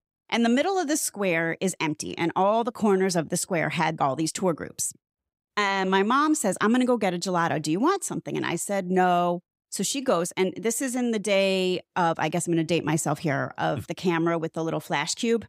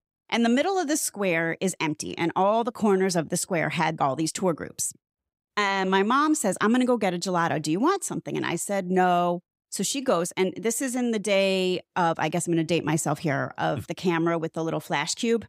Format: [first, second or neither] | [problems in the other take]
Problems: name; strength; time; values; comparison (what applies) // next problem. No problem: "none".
neither | none